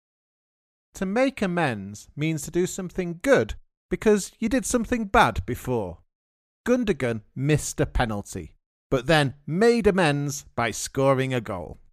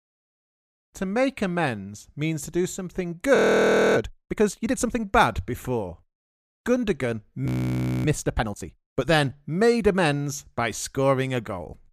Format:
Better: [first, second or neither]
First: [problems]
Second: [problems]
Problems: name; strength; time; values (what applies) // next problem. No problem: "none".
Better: first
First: none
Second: audio freezing; at 3.5 s for 0.5 s and at 7.5 s for 0.5 s